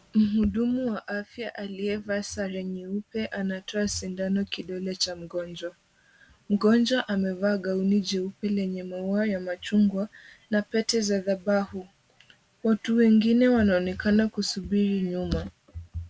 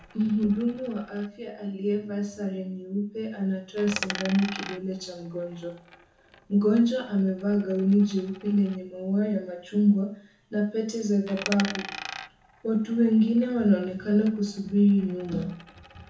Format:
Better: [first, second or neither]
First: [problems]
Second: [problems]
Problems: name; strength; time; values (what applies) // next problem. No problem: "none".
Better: first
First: none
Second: background sound (Coin (dropping)); 17 dB below the speech // room echo; dies away in 0.7 s